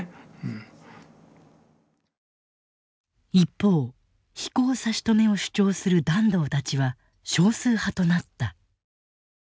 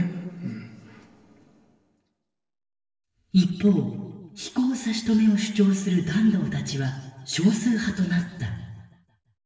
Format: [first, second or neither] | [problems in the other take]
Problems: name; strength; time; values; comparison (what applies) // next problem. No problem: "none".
first | room echo; dies away in 1.3 s